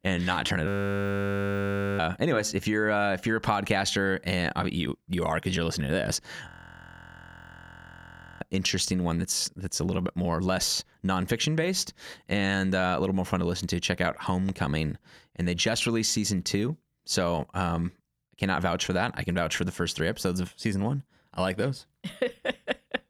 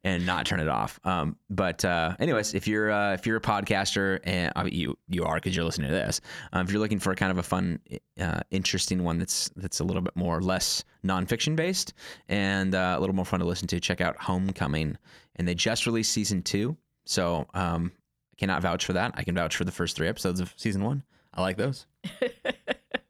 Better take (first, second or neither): second